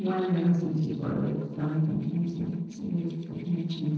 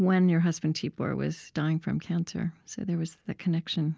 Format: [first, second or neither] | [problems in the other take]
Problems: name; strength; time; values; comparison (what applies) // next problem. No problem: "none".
second | noise reduction (neural separator model SepFormer DNS4)